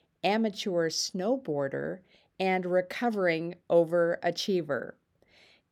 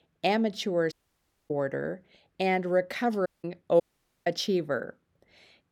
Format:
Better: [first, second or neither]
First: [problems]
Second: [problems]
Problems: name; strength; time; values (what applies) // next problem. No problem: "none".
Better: first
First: none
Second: audio cutting out; at 1 s for 0.5 s, at 3.5 s and at 4 s